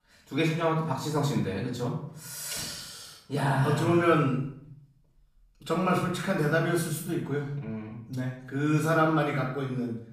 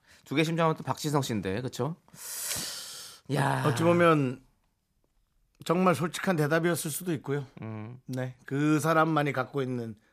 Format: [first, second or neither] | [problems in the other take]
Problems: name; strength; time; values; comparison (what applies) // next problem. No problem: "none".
second | off-mic speech; far // room echo; noticeable; dies away in 0.6 s